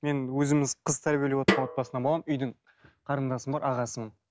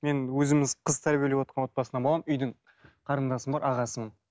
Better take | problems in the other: second | background sound (Snare drum); 3 dB below the speech

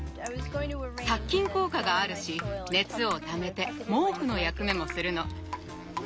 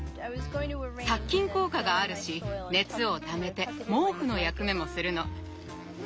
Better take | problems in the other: second | background sound (Drip); 14 dB below the speech

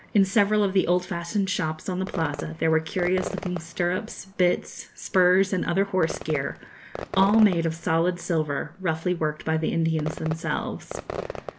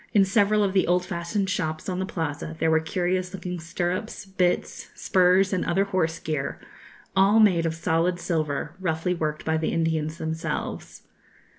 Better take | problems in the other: second | background sound (Fireworks); 14 dB below the speech

